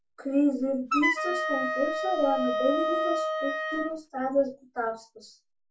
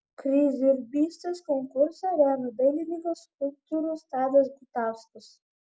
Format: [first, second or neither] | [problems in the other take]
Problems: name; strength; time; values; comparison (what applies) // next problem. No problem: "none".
second | background sound (Wind instrument, woodwind instrument); 1 dB above the speech // room echo; dies away in 0.1 s